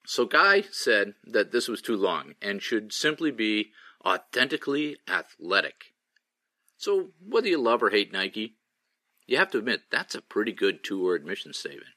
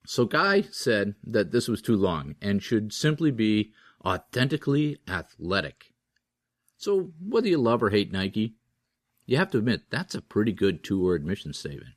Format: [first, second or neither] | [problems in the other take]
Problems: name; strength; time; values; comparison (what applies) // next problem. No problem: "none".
second | thin; somewhat; fading below 300 Hz